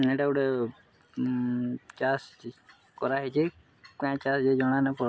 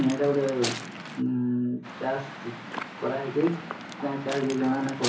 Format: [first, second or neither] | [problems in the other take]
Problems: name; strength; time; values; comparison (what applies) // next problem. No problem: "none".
first | background sound (Waves, surf / Wind); 9 dB below the speech // room echo; dies away in 0.7 s